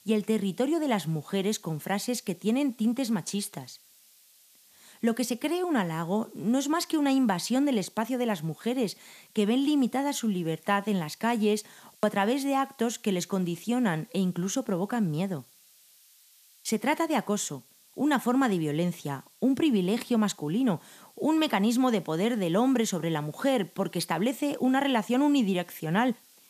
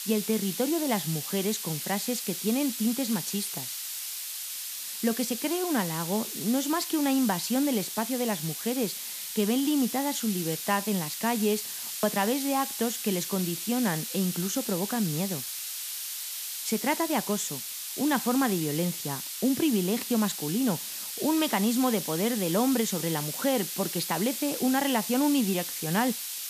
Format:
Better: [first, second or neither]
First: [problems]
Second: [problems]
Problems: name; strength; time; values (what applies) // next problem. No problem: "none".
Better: first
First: hiss; faint; throughout; 30 dB below the speech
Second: hiss; loud; throughout; 4 dB below the speech